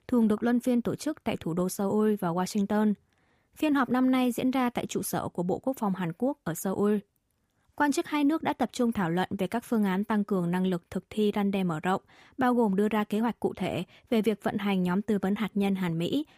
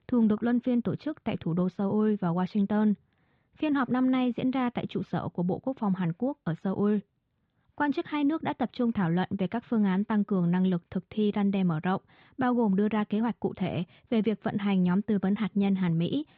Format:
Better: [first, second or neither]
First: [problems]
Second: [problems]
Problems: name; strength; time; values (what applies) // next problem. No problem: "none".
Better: first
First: none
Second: muffled; slightly; fading above 4 kHz